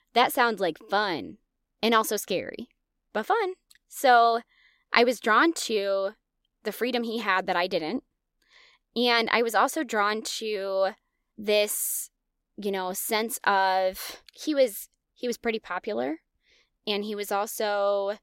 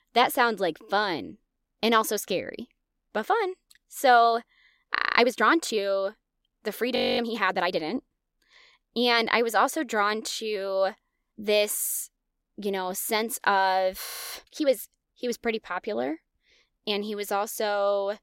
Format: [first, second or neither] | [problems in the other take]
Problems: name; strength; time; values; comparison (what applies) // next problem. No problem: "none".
first | audio freezing; at 5 s, at 7 s and at 14 s